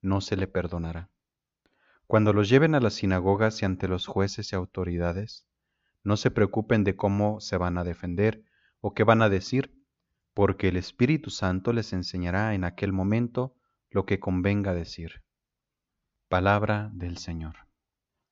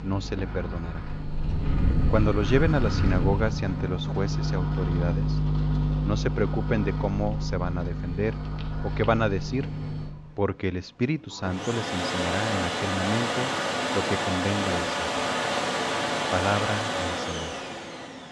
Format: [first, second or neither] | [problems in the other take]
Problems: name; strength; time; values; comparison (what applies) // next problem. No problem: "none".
first | household noises; very loud; throughout; 1 dB above the speech